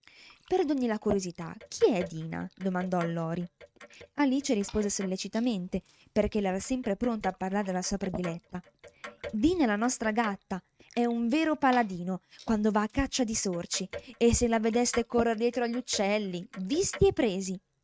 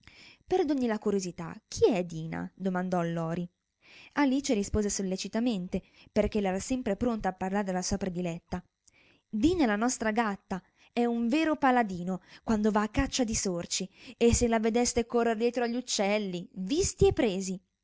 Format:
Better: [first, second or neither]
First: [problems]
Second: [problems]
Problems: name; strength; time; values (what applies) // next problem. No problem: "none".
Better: second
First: noise reduction (neural mask model RNNoise)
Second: none